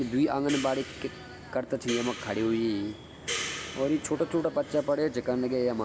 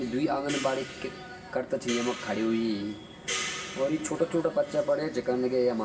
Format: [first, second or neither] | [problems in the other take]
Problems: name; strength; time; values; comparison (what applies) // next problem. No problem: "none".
first | room echo; dies away in 0.5 s